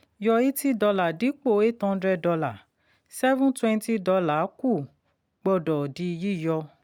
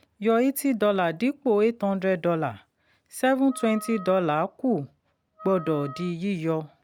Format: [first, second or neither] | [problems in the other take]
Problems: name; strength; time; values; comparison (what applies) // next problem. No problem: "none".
first | background sound (Wind instrument, woodwind instrument); 19 dB below the speech